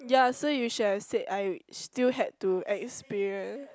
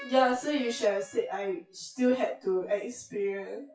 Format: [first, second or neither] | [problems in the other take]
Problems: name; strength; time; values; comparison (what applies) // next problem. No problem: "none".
first | noise reduction (classical method WPE with log-MMSE)